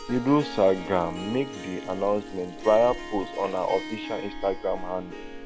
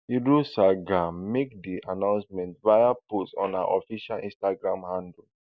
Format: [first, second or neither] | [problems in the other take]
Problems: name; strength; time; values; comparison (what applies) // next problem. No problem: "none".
second | background sound (Harp + Sink (filling or washing) / Water tap, faucet); 10 dB below the speech